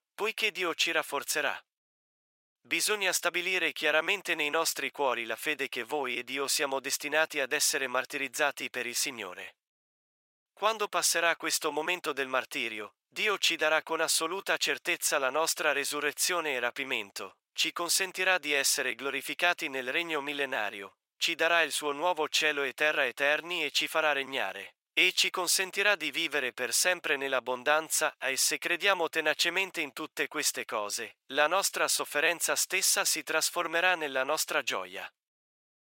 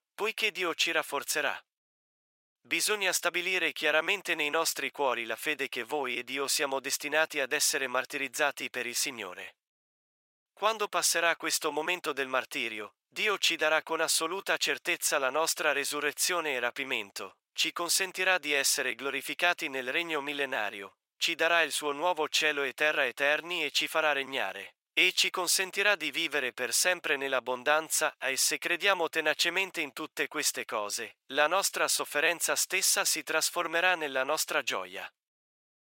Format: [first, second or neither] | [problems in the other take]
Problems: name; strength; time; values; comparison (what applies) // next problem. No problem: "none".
neither | thin; very; fading below 900 Hz; the same in both